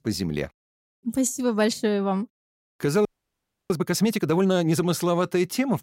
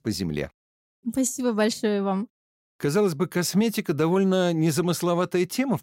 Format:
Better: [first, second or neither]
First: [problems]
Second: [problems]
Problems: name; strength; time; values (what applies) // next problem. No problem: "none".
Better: second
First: audio freezing; at 3 s for 0.5 s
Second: none